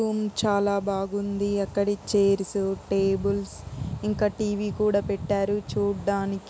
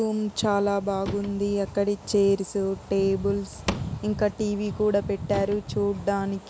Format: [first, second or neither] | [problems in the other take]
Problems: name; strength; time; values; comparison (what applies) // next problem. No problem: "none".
first | background sound (Drawer open or close / Wood); 15 dB below the speech